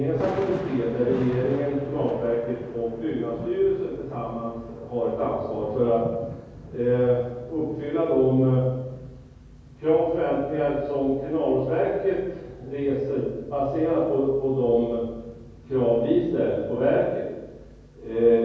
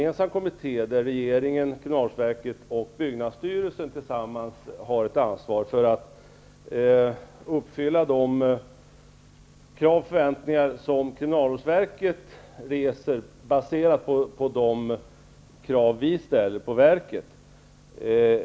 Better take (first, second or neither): second